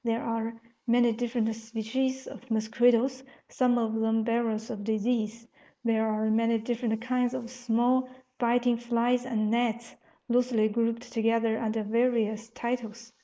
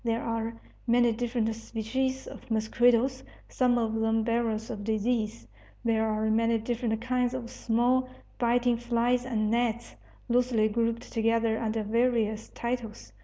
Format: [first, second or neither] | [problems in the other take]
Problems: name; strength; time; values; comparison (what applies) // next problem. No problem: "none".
second | noise reduction (neural mask model Resemble Enhance denoiser)